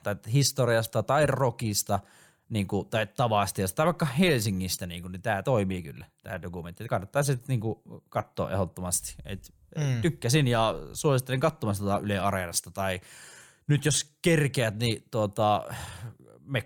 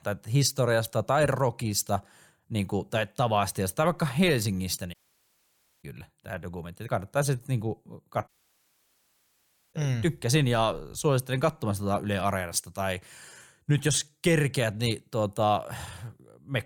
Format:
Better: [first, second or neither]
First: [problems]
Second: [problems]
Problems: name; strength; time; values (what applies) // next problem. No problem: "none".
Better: first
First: none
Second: audio cutting out; at 5 s for 1 s and at 8.5 s for 1.5 s